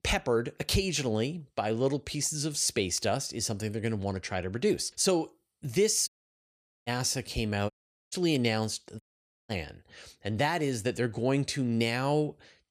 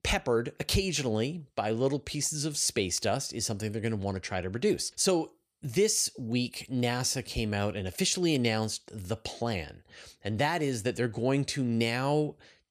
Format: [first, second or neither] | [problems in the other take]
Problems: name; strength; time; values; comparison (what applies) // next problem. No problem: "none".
second | audio cutting out; at 6 s for 1 s, at 7.5 s and at 9 s